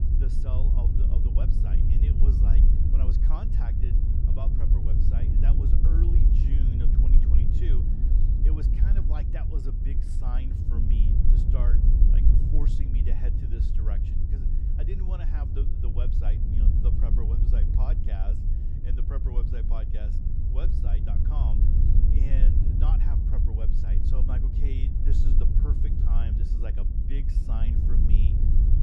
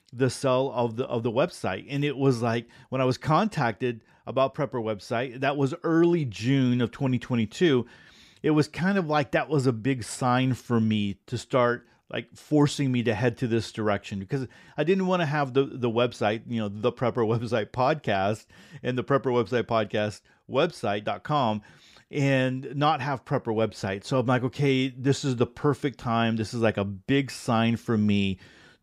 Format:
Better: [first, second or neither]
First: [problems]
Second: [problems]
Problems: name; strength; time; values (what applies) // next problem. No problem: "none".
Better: second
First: wind noise on the microphone; heavy; 2 dB above the speech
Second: none